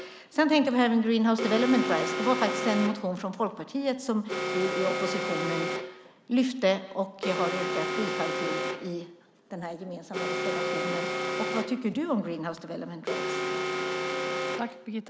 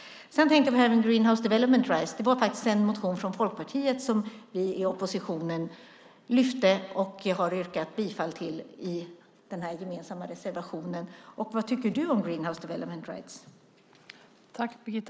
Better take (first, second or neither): second